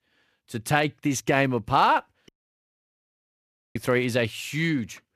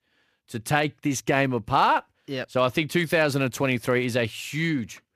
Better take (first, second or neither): second